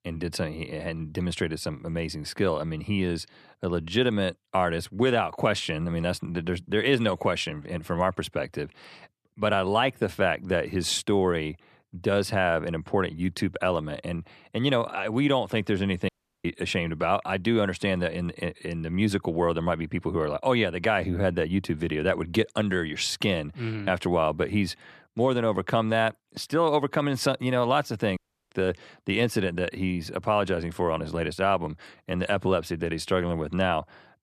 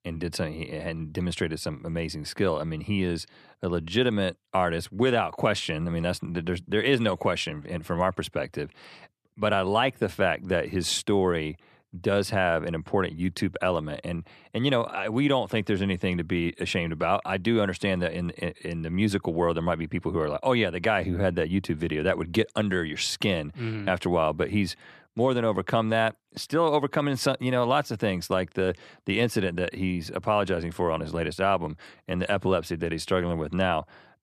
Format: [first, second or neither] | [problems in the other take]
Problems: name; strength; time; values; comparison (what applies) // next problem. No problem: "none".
second | audio cutting out; at 16 s and at 28 s